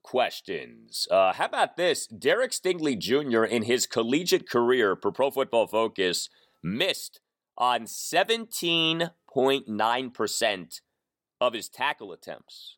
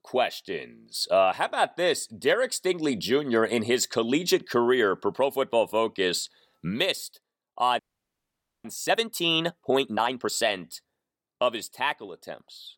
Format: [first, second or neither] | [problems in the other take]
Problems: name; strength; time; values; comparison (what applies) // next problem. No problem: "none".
first | audio freezing; at 8 s for 1 s